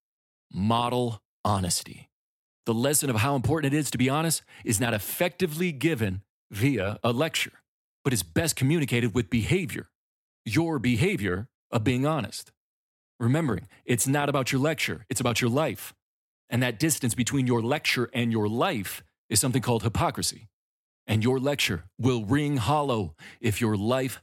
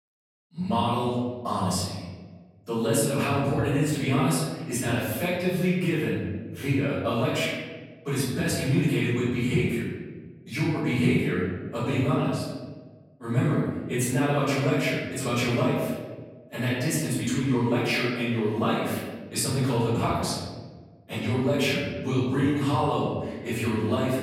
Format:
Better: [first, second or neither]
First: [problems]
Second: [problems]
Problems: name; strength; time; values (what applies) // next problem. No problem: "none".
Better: first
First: none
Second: off-mic speech; far // room echo; strong; dies away in 1.3 s